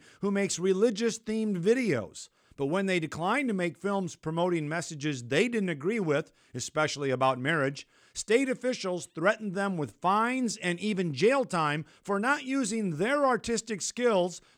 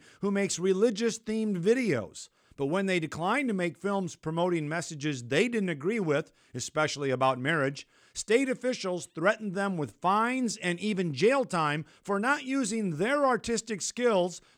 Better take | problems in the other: neither | none

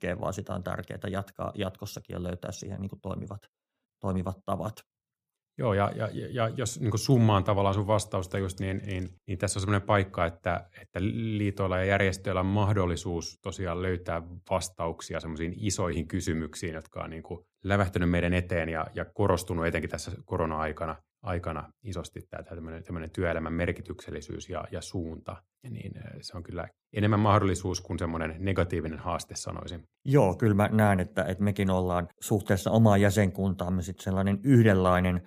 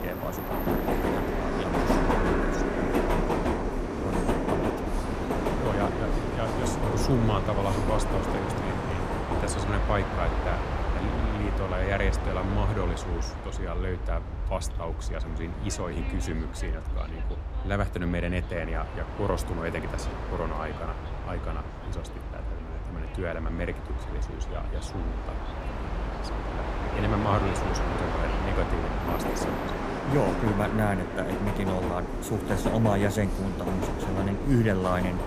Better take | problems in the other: first | train or aircraft noise; very loud; throughout; 1 dB above the speech

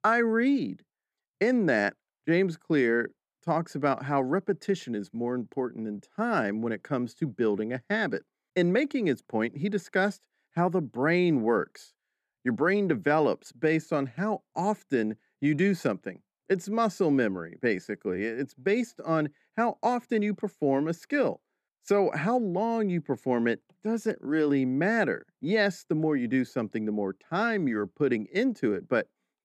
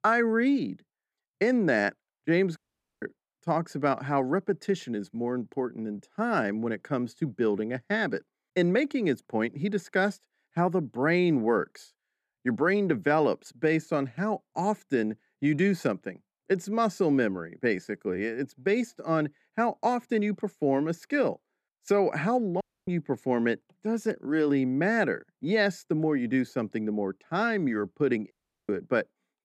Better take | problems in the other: first | audio cutting out; at 2.5 s, at 23 s and at 28 s

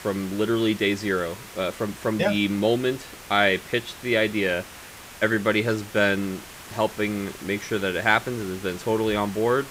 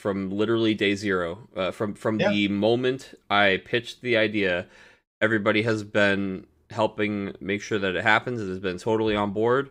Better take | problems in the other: second | hiss; noticeable; throughout; 15 dB below the speech

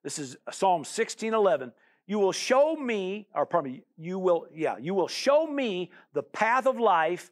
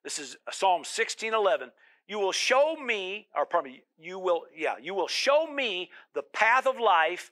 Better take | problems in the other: first | thin; somewhat; fading below 450 Hz

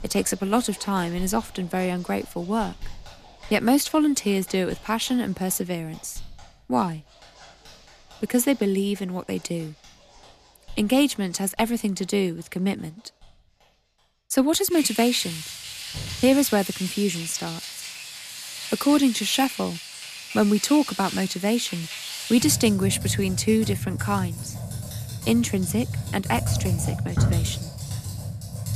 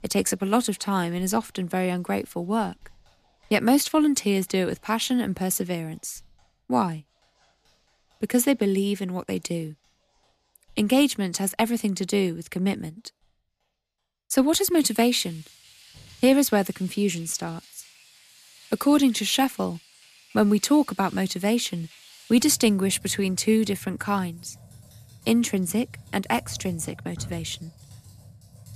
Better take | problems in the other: second | household noises; loud; throughout; 7 dB below the speech; faint in the second

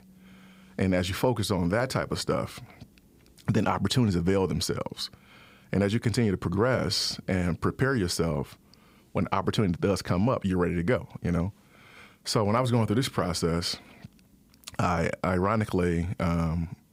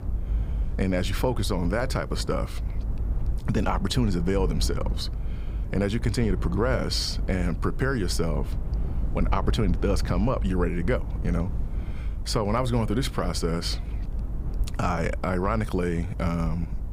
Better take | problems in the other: first | low rumble; noticeable; throughout; 15 dB below the speech

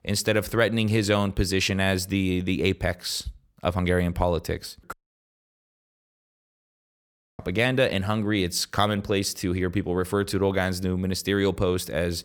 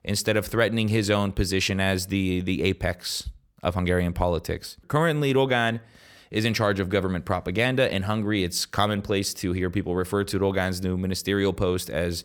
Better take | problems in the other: second | audio cutting out; at 5 s for 2.5 s

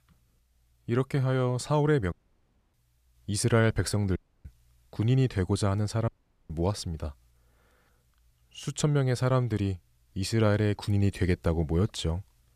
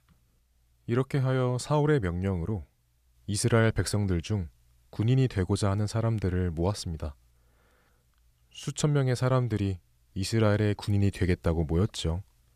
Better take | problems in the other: second | audio cutting out; at 2 s for 0.5 s, at 4 s and at 6 s

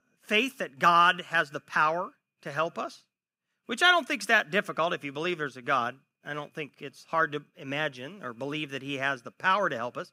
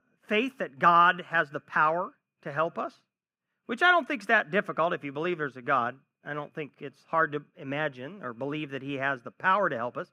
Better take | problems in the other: first | muffled; slightly; fading above 3 kHz

